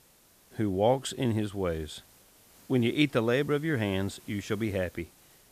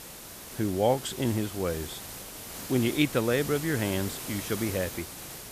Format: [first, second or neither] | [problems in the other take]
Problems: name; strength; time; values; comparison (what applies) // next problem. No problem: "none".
first | hiss; loud; throughout; 9 dB below the speech; faint in the first